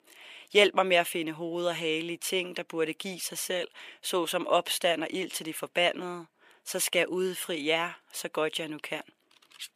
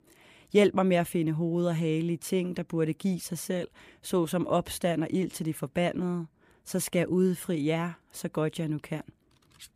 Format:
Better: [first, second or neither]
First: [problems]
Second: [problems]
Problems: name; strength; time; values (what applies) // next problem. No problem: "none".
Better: second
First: thin; very; fading below 500 Hz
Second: none